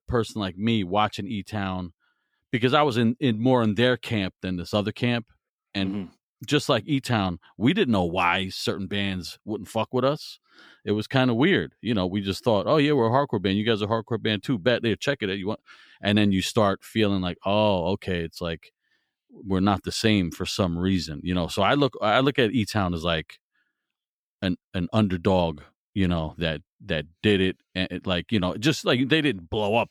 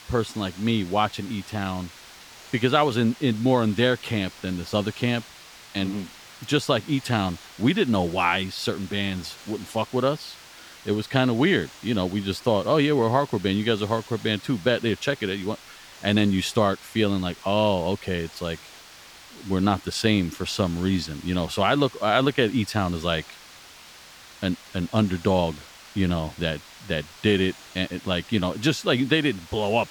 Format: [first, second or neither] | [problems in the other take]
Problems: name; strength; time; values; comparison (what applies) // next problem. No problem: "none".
first | hiss; noticeable; throughout; 20 dB below the speech